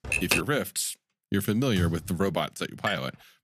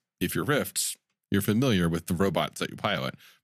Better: second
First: keyboard typing; loud; at the start; peak 4 dB above the speech // keyboard typing; noticeable; at 2 s; peak 5 dB below the speech // clattering dishes; noticeable; at 3 s; peak 7 dB below the speech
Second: none

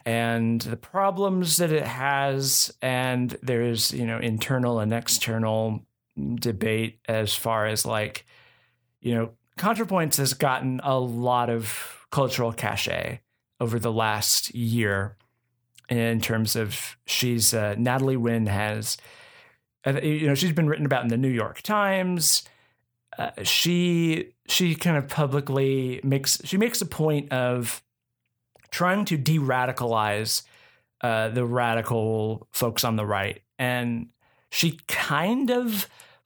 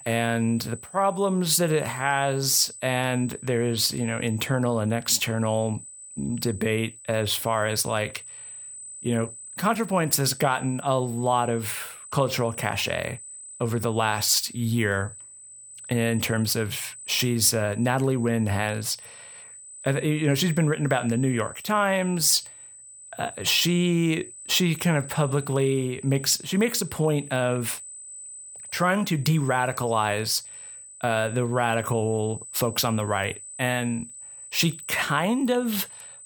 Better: first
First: none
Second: high-pitched whine; noticeable; throughout; 8 kHz, 15 dB below the speech

